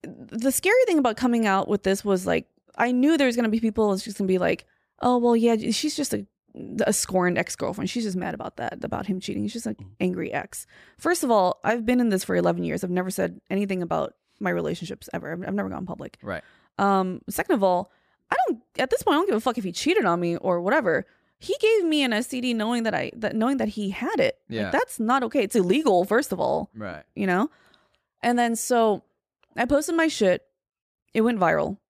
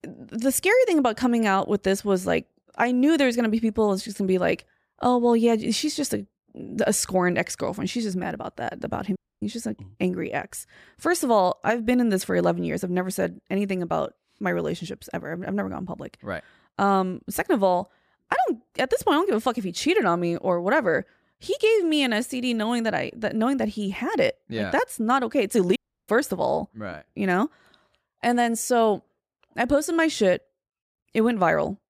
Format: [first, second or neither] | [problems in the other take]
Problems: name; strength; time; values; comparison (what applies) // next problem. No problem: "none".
first | audio cutting out; at 9 s and at 26 s